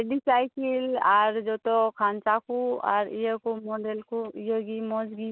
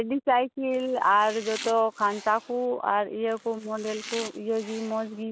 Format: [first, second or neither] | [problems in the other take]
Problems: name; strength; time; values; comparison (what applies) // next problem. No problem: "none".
first | background sound (Domestic sounds, home sounds); 16 dB below the speech